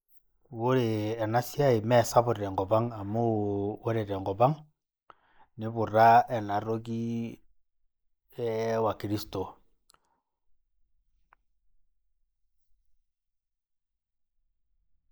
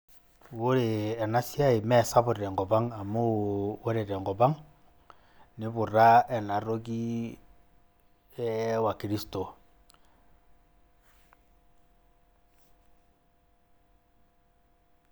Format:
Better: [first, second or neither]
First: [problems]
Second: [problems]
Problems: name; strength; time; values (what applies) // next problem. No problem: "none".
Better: second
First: noise reduction (neural mask model Resemble Enhance denoiser)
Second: none